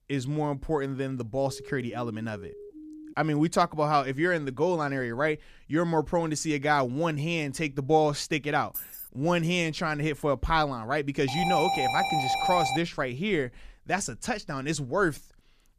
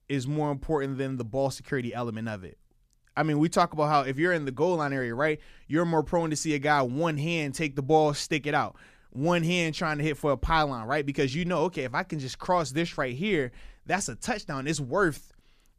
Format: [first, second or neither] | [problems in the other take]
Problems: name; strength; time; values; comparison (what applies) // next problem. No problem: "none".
second | siren; faint; from 1.5 to 3 s; peak 15 dB below the speech // jangling keys; noticeable; at 8.5 s; peak 8 dB below the speech // alarm; loud; from 11 to 13 s; peak 2 dB above the speech